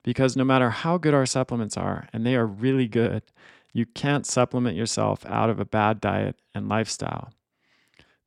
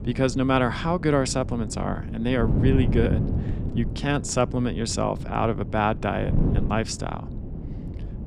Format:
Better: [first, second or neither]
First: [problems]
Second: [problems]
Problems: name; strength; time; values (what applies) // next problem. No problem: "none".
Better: first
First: none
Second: wind noise on the microphone; occasional gusts; 10 dB below the speech